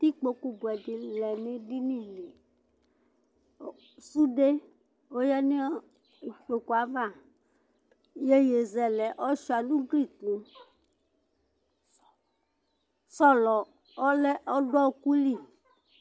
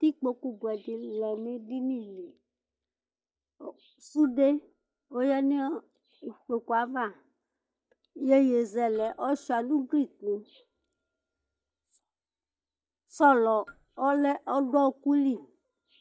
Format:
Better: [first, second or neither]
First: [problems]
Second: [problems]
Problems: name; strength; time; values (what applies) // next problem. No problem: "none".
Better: first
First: none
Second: noise reduction (neural mask model DeepFilterNet 3)